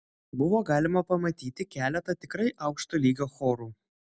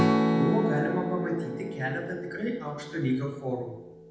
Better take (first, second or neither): first